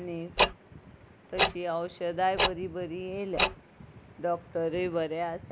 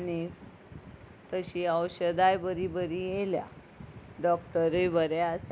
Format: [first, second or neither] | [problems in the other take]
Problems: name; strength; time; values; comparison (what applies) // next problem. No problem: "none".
second | background sound (Tick-tock); 1 dB above the speech